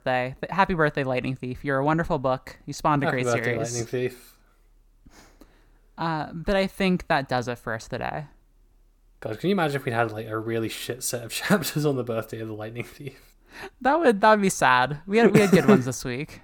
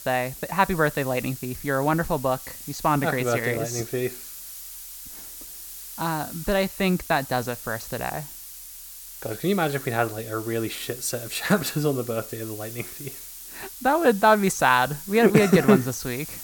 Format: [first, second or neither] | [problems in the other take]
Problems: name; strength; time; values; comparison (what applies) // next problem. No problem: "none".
first | hiss; noticeable; throughout; 15 dB below the speech